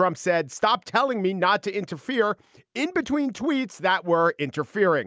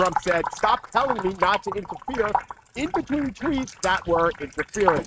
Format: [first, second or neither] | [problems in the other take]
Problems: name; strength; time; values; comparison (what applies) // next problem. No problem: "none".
first | noise reduction (neural mask model RNNoise)